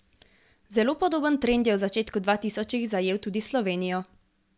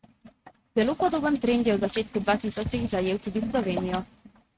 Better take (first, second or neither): first